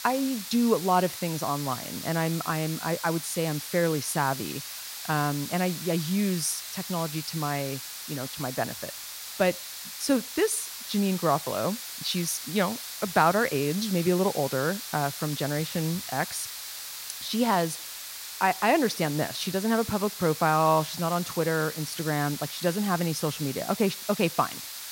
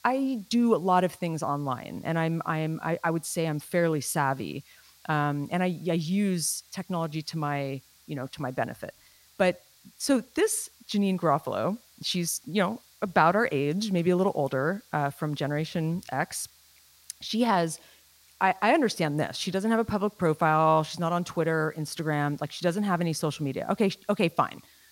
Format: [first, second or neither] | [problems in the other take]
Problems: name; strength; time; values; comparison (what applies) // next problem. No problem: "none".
second | hiss; loud; throughout; 8 dB below the speech; faint in the second